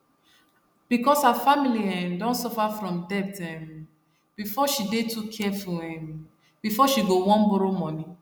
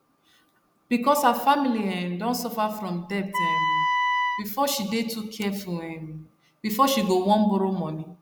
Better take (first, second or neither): first